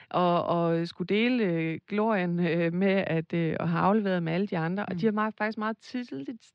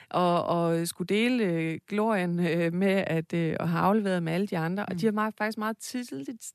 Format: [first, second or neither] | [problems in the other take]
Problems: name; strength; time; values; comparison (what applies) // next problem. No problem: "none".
second | muffled; very slightly; fading above 4.5 kHz